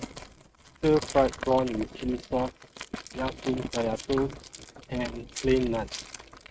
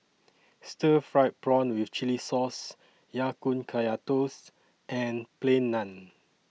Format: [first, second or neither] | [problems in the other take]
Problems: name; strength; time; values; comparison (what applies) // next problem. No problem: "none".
second | noise reduction (neural mask model RNNoise)